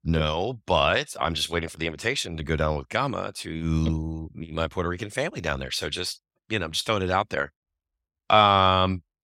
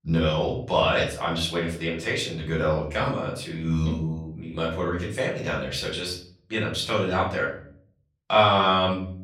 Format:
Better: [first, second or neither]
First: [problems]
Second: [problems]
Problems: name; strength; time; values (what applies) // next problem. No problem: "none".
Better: first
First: none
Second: off-mic speech; far // room echo; slight; dies away in 0.5 s